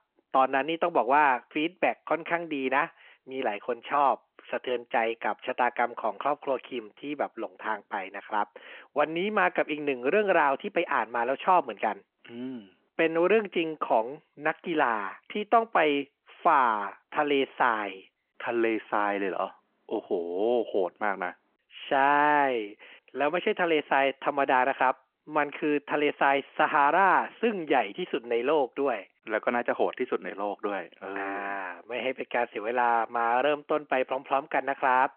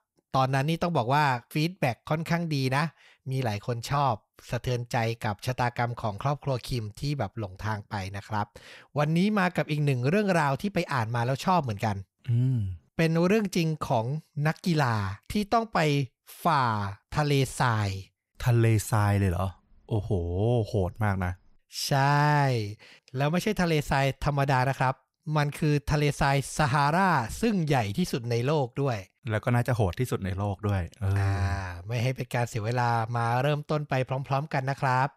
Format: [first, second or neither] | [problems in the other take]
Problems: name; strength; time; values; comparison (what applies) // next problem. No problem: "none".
second | phone-call audio